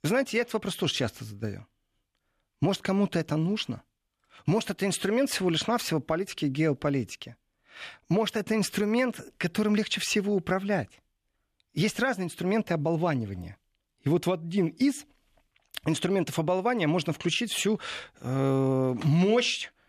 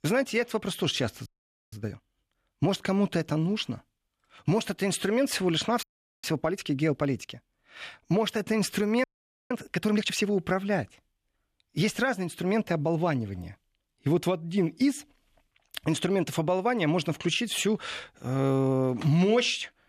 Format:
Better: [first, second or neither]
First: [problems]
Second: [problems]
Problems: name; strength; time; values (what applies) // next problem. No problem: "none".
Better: first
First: none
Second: audio freezing; at 1.5 s, at 6 s and at 9 s